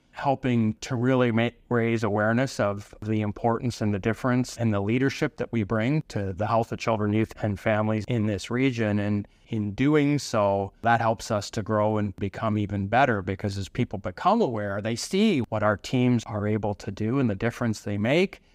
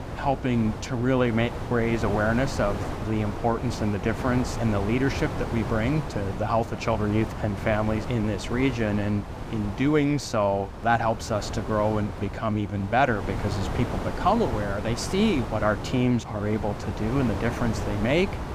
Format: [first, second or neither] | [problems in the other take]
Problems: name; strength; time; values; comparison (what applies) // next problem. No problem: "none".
first | wind noise on the microphone; heavy; 9 dB below the speech